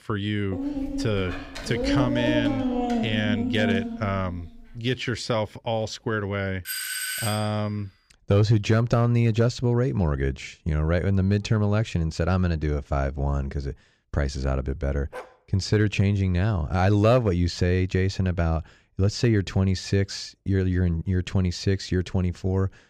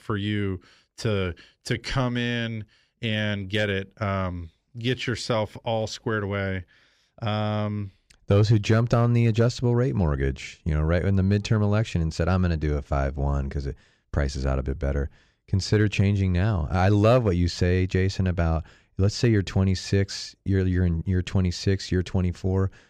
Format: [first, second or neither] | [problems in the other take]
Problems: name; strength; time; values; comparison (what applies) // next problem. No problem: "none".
second | dog barking; loud; from 0.5 to 4.5 s; peak 1 dB above the speech // doorbell; noticeable; at 6.5 s; peak 2 dB below the speech // dog barking; faint; at 15 s; peak 15 dB below the speech